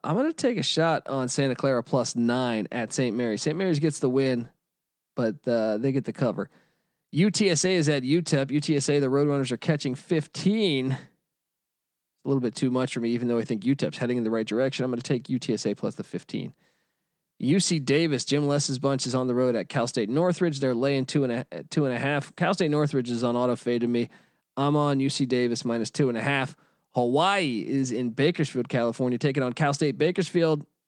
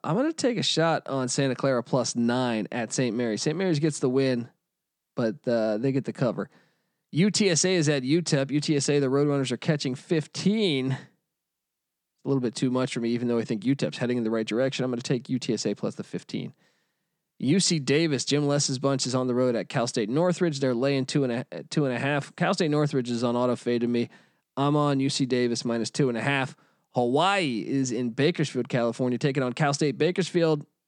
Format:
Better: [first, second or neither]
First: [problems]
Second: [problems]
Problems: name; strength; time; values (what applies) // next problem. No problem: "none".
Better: second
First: garbled, watery; slightly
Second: none